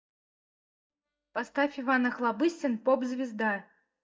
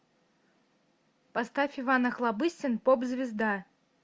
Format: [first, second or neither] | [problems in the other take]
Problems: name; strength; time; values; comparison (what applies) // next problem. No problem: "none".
second | noise reduction (neural mask model DeepFilterNet 3)